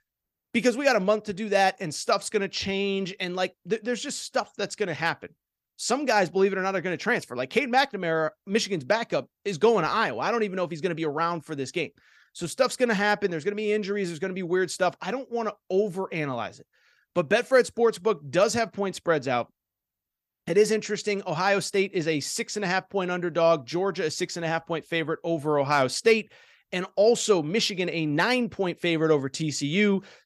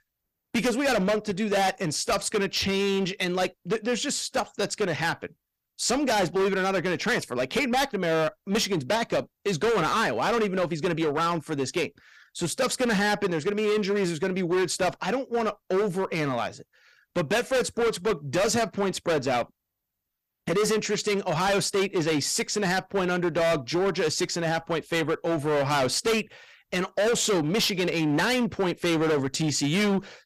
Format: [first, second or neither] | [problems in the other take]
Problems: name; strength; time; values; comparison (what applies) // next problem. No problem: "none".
first | distortion; heavy; 18% of the sound clipped